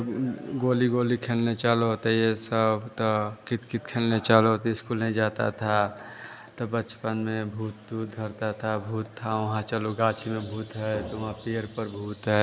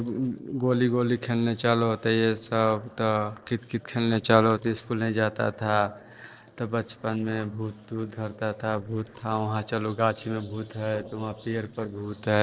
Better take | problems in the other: first | noise reduction (neural separator model SepFormer DNS4)

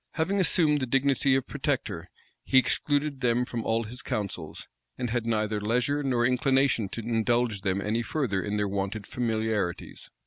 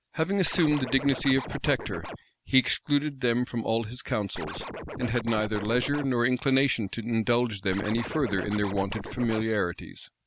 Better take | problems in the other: first | background sound (Scratching (performance technique)); 9 dB below the speech

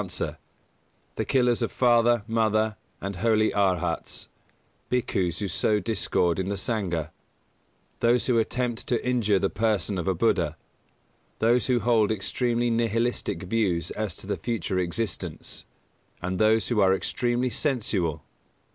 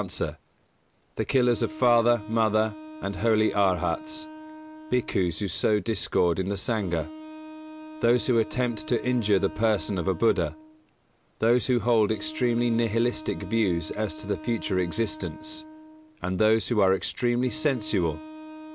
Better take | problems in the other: first | background sound (Wind instrument, woodwind instrument); 16 dB below the speech

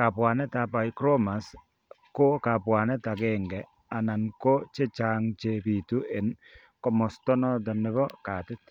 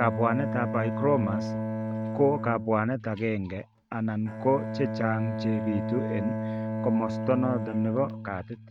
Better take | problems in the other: first | noise reduction (neural mask model RNNoise)

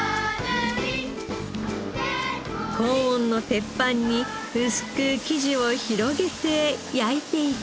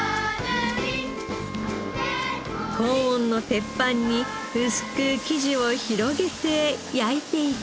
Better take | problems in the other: first | background sound (Wind instrument, woodwind instrument); 16 dB below the speech

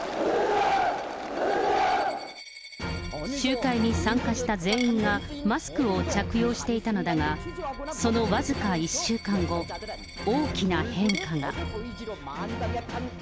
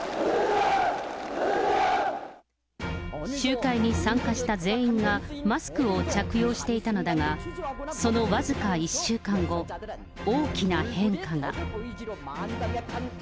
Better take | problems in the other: second | background sound (Coin (dropping)); 17 dB below the speech

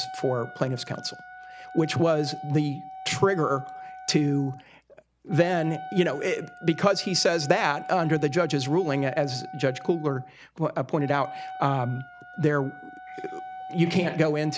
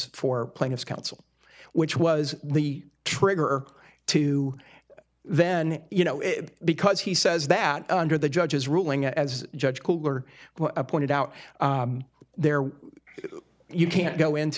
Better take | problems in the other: second | background sound (Wind instrument, woodwind instrument); 14 dB below the speech

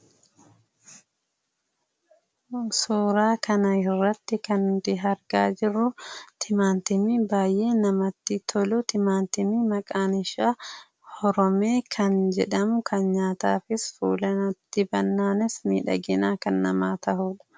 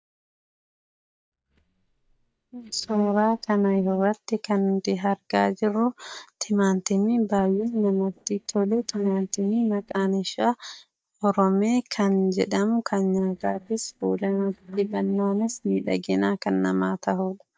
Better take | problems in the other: first | noise reduction (neural mask model DeepFilterNet 3)

